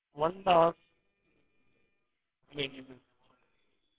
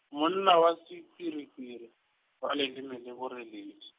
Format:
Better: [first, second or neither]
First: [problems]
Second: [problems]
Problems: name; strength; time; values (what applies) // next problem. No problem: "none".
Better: second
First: noise reduction (neural separator model SepFormer WHAMR!)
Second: none